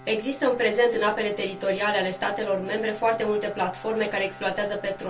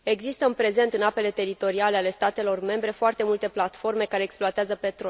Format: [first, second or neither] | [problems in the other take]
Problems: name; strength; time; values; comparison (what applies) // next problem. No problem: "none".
second | background sound (Bowed string instrument); 18 dB below the speech // room echo; dies away in 0.2 s